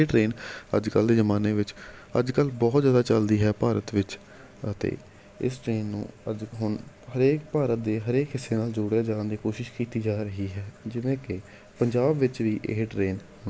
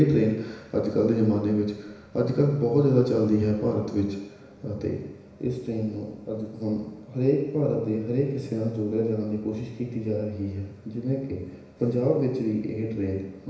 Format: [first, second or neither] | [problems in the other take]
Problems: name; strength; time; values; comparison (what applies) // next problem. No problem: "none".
first | room echo; dies away in 1 s